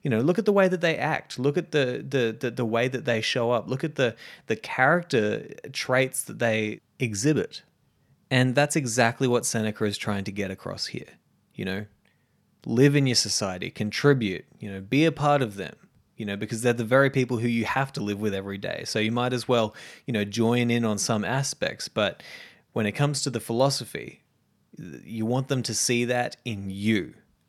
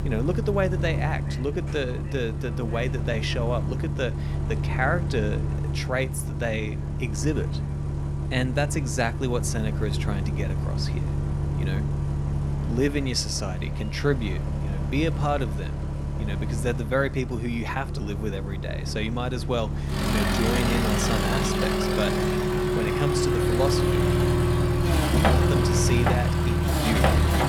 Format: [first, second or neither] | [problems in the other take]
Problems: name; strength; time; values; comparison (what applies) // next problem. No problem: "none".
first | traffic noise; very loud; throughout; 3 dB above the speech